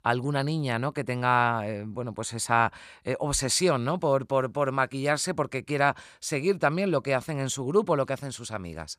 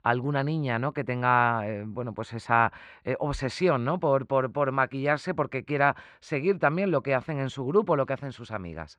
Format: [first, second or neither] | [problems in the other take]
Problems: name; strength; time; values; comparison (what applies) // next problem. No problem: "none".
first | muffled; slightly; fading above 2 kHz